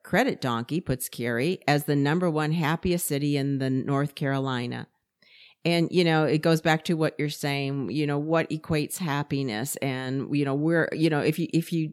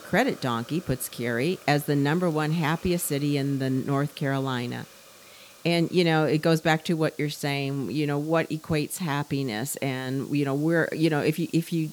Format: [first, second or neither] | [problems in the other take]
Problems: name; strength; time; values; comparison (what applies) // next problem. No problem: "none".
first | hiss; faint; throughout; 20 dB below the speech